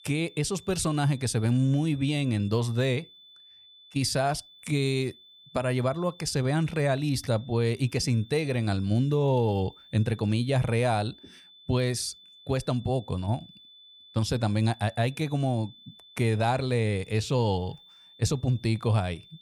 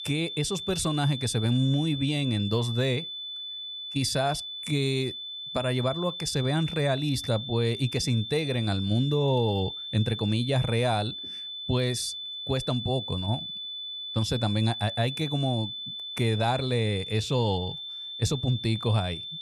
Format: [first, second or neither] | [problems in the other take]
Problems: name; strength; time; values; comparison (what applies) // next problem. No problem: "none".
first | high-pitched whine; loud; throughout; 3.5 kHz, 7 dB below the speech; faint in the first